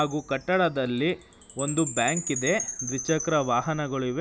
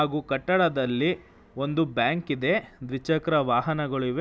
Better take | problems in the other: second | background sound (Chime); 10 dB below the speech

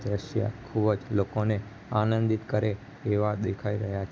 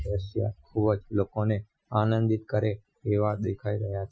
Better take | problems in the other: first | noise reduction (classical method Wiener filter)

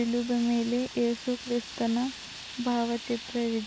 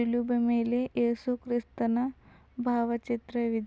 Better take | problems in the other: second | background sound (Fire); 13 dB below the speech

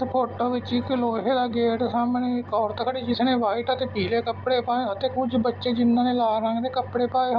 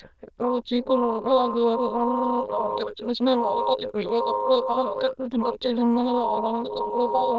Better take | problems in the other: first | noise reduction (neural diffusion model UNIVERSE++)

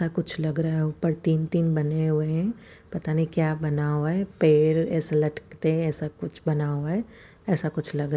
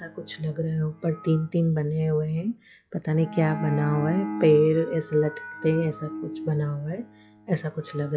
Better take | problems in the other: first | noise reduction (classical method log-MMSE)

